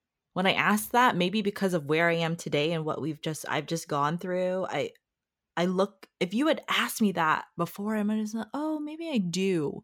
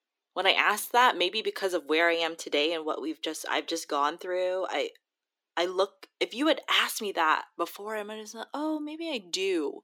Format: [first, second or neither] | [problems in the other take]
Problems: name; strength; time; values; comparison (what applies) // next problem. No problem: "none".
first | thin; somewhat; fading below 300 Hz